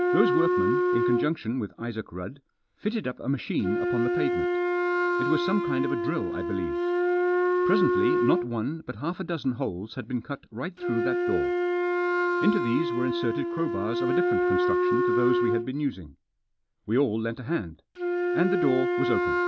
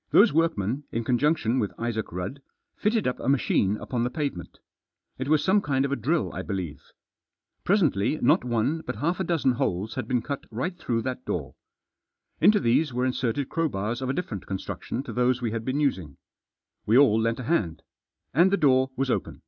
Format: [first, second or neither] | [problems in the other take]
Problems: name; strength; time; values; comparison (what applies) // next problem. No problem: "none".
second | background sound (Wind instrument, woodwind instrument); 3 dB above the speech